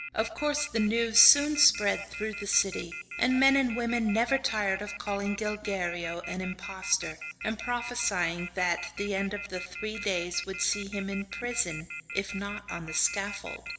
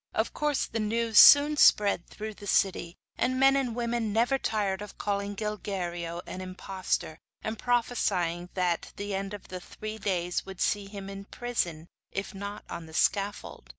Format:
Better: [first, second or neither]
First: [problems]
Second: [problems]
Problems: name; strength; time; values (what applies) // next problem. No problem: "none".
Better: second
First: background sound (Telephone); 11 dB below the speech // room echo; dies away in 1.2 s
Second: none